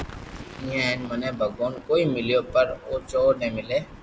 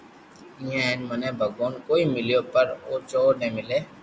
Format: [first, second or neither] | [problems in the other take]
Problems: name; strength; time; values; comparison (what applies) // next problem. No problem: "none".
second | background sound (Explosion); 17 dB below the speech